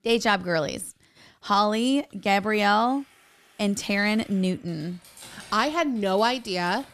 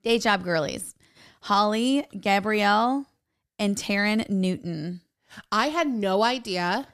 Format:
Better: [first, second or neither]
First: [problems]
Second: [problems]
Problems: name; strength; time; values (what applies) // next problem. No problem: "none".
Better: second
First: household noises; faint; throughout; 25 dB below the speech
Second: none